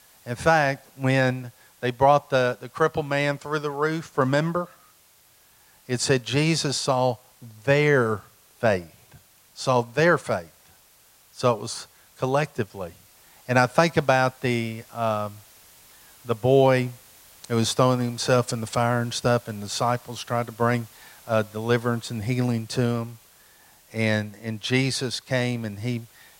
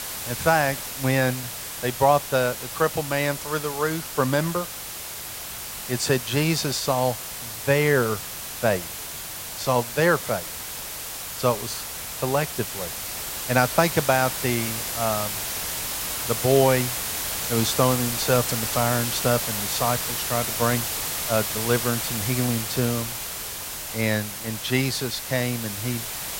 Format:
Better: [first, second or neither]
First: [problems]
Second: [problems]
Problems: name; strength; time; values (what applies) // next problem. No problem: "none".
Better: first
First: hiss; faint; throughout; 25 dB below the speech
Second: hiss; loud; throughout; 4 dB below the speech